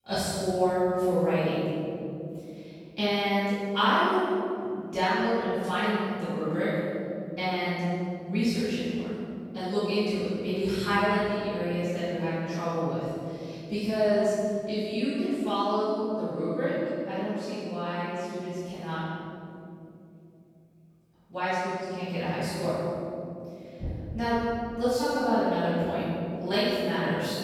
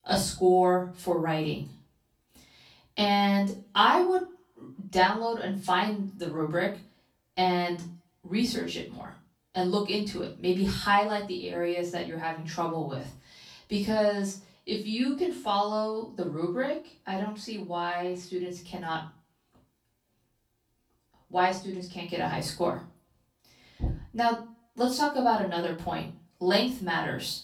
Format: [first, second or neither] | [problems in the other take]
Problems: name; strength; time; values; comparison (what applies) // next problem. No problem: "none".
second | room echo; strong; dies away in 2.9 s; slight in the second // off-mic speech; far; far in the second